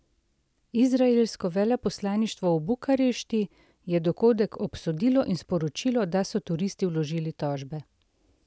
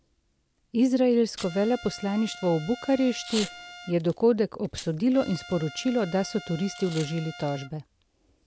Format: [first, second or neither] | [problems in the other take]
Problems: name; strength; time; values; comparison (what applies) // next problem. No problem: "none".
first | background sound (Trumpet + Packing tape, duct tape / Tearing); 16 dB below the speech